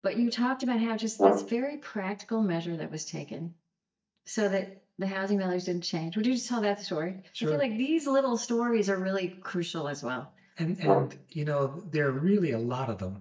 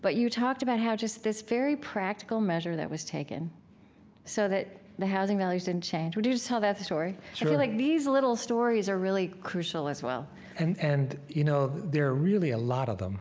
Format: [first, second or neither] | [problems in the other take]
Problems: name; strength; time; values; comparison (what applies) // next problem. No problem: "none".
second | noise reduction (neural mask model DeepFilterNet 3)